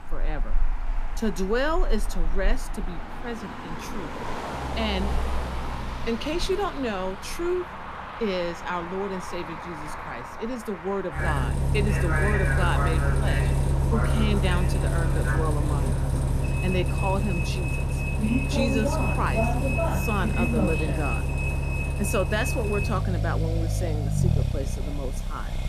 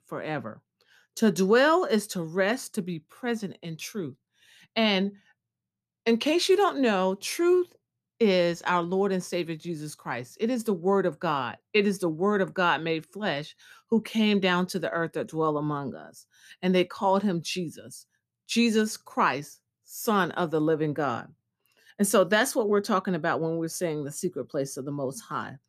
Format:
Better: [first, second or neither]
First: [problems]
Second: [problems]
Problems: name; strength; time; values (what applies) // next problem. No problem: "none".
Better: second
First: traffic noise; very loud; throughout; 4 dB above the speech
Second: none